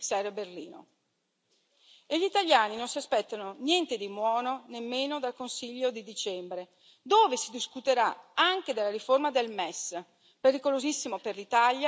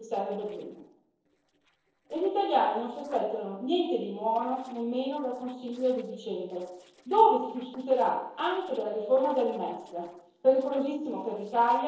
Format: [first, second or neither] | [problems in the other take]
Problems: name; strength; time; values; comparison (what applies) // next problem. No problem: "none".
first | noise reduction (neural separator model SepFormer DNS4)